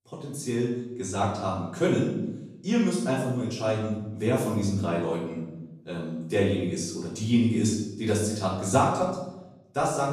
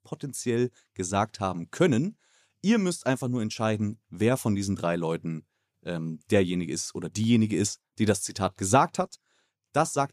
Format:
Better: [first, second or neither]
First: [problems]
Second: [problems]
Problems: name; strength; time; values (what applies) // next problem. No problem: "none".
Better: second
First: room echo; noticeable; dies away in 0.8 s // off-mic speech; far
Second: none